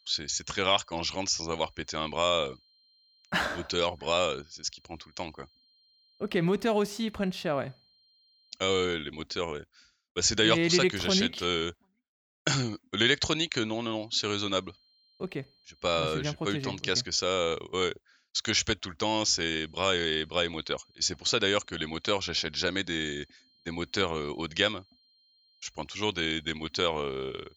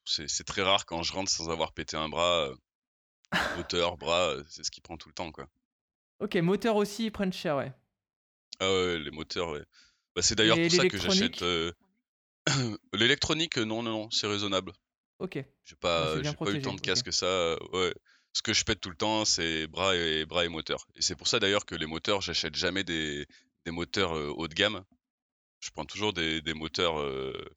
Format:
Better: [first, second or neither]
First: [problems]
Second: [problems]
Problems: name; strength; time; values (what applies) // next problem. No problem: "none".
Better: second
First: high-pitched whine; faint; until 8.5 s, from 13 to 17 s and from 20 s on; 4 kHz, 35 dB below the speech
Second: none